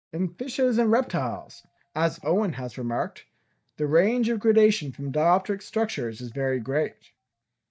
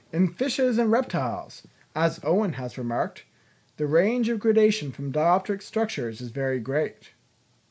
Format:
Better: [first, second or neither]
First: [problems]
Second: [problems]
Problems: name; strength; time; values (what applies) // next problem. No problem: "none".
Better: second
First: noise reduction (neural mask model DeepFilterNet 3)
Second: none